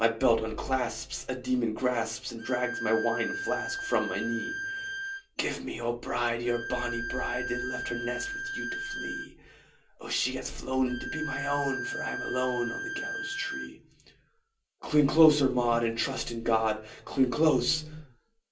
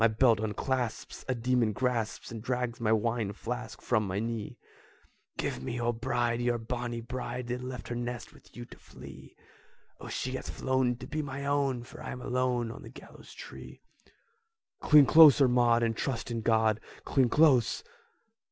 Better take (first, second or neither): second